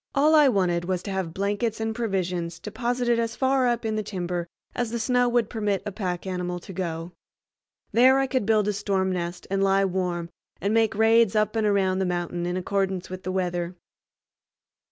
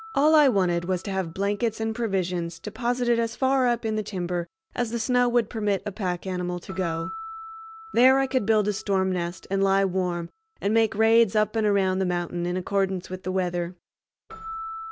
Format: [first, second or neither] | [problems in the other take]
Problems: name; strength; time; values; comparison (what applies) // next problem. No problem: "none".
first | background sound (Keyboard (musical)); 19 dB below the speech